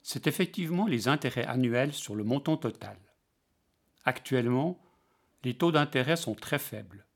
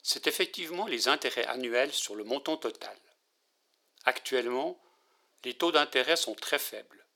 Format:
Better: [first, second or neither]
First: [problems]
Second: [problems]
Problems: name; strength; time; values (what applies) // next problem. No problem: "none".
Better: first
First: none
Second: thin; very; fading below 400 Hz